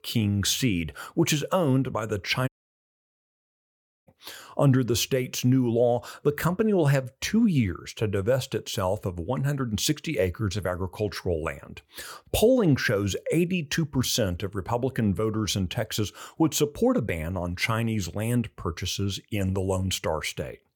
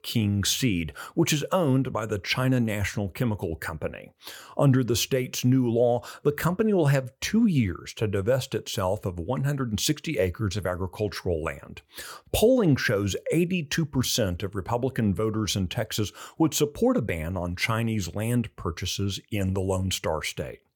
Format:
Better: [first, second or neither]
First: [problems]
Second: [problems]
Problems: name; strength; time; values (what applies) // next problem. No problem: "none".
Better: second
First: audio cutting out; at 2.5 s for 1.5 s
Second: none